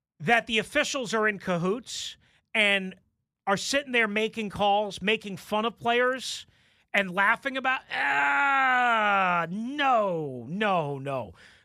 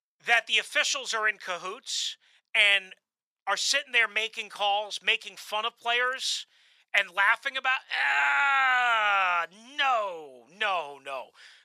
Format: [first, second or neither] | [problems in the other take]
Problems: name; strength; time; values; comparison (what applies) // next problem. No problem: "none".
first | thin; very; fading below 800 Hz